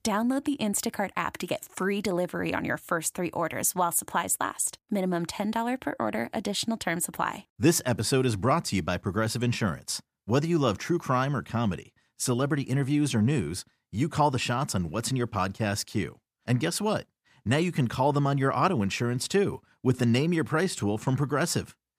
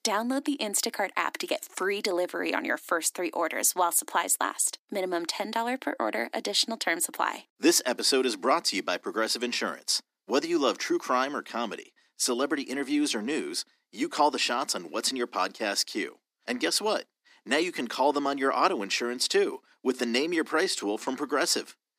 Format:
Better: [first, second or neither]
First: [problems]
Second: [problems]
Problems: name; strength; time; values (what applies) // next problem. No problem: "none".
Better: first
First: none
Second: thin; somewhat; fading below 250 Hz